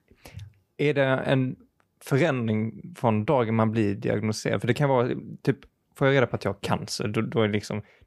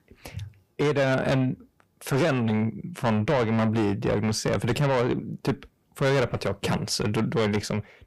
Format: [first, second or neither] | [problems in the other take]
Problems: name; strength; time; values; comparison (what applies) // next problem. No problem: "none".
first | distortion; heavy; 6 dB below the speech